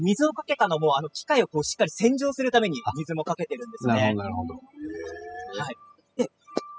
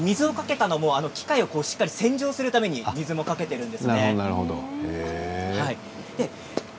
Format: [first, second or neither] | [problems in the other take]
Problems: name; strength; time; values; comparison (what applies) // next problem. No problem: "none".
second | noise reduction (classical method spectral subtraction)